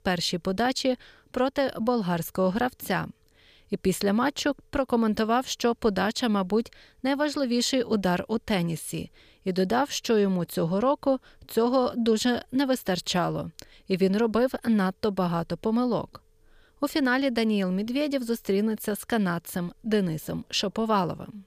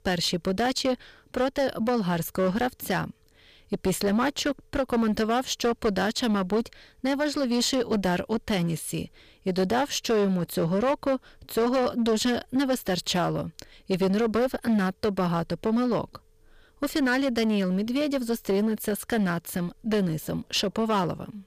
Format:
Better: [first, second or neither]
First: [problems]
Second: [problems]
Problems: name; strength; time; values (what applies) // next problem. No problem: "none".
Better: first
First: none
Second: distortion; slight; 9% of the sound clipped